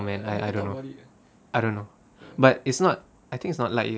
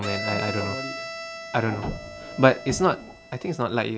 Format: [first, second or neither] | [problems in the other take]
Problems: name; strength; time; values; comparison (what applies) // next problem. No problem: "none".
first | background sound (Printer + Bowed string instrument); 8 dB below the speech